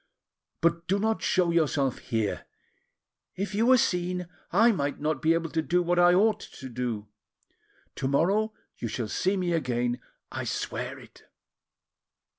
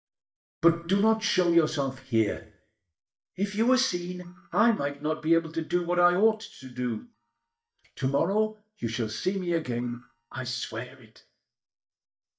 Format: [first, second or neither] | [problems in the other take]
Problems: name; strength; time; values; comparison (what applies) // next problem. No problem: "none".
first | noise reduction (neural mask model DeepFilterNet 3)